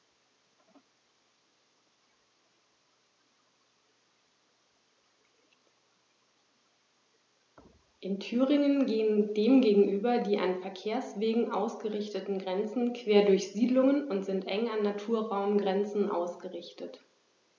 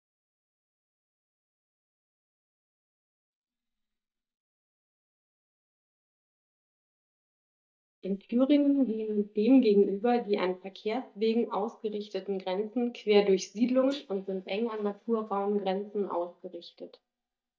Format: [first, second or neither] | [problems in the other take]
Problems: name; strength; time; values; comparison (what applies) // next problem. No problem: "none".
first | noise reduction (neural mask model DeepFilterNet 3)